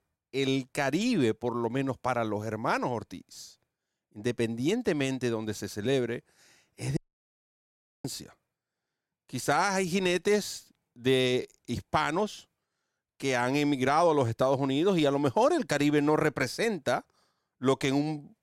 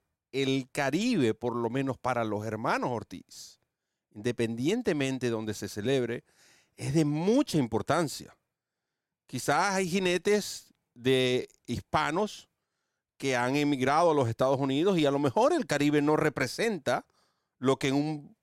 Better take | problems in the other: second | audio cutting out; at 7 s for 1 s

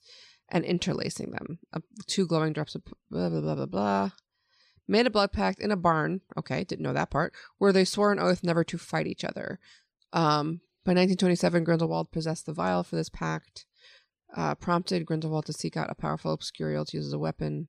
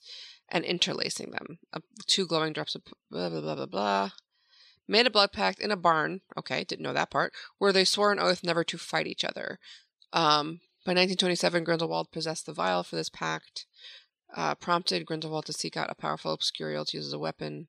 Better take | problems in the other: first | thin; somewhat; fading below 1 kHz

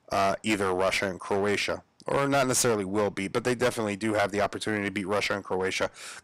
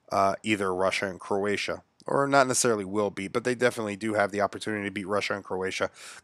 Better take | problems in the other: second | distortion; heavy; 10% of the sound clipped

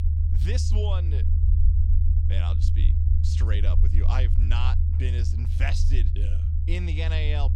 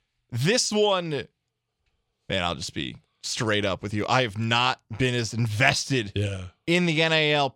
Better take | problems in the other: second | low rumble; loud; throughout; 4 dB below the speech

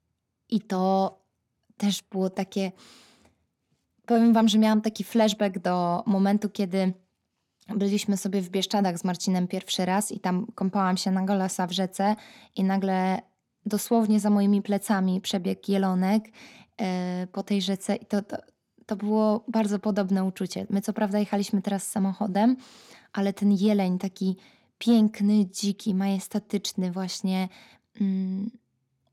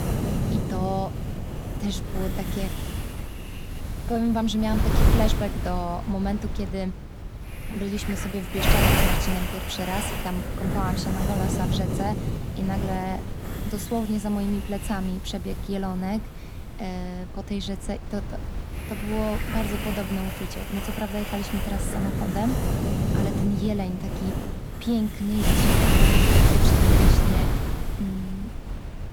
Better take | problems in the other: first | wind noise on the microphone; heavy; 2 dB above the speech

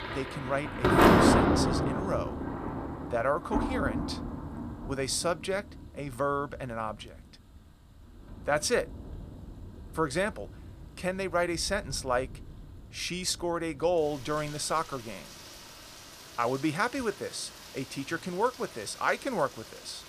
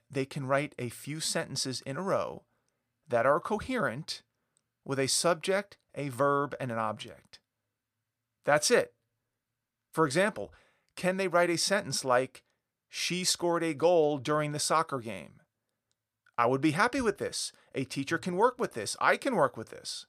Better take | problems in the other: second | rain or running water; very loud; throughout; 4 dB above the speech

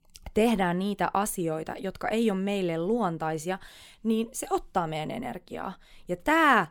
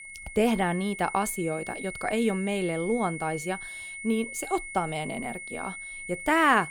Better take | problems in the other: first | high-pitched whine; loud; throughout; 2 kHz, 9 dB below the speech

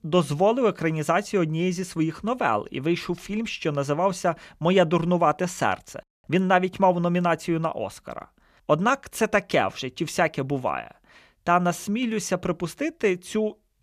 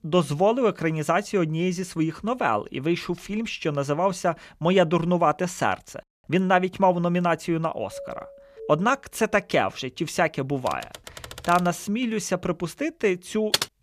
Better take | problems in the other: first | doorbell; faint; from 8 to 9 s; peak 15 dB below the speech // keyboard typing; faint; from 11 to 12 s; peak 15 dB below the speech // keyboard typing; noticeable; at 13 s; peak level with the speech

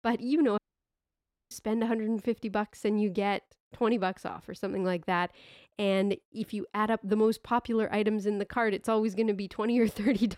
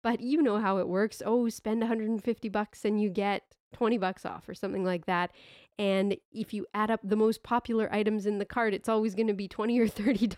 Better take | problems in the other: second | audio cutting out; at 0.5 s for 1 s

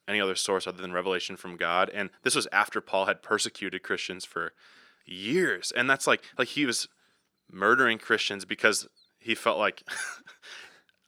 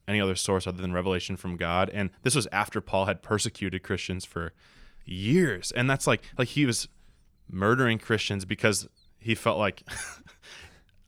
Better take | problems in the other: second | thin; somewhat; fading below 350 Hz

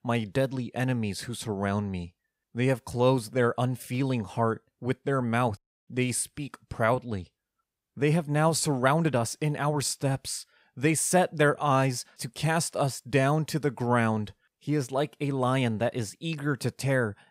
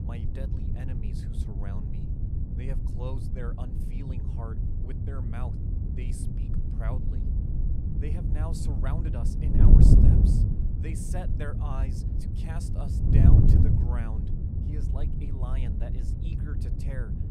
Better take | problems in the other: first | wind noise on the microphone; heavy; 4 dB above the speech

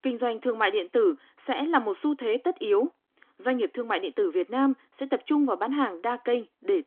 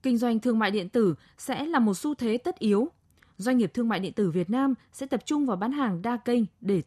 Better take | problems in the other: second | phone-call audio; nothing above 3.5 kHz

